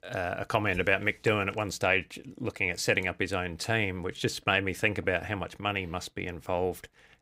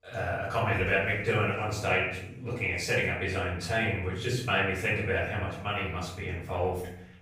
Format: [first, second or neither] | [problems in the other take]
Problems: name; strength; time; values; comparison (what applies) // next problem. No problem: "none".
first | off-mic speech; far // room echo; noticeable; dies away in 0.7 s